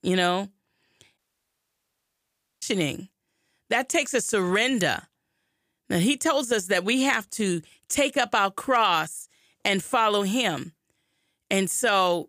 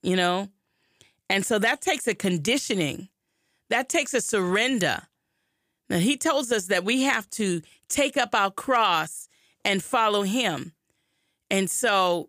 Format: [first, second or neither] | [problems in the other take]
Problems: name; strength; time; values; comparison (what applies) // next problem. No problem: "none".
second | audio cutting out; at 1 s for 1.5 s